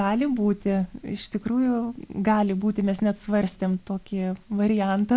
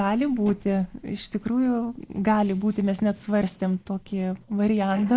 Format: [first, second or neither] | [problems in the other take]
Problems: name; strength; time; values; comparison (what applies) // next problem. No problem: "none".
first | noise reduction (neural mask model Resemble Enhance denoiser)